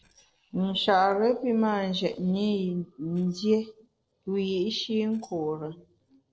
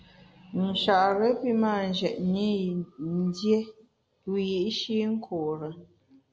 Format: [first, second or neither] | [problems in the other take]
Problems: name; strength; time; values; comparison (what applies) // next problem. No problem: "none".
second | noise reduction (neural separator model SepFormer DNS4)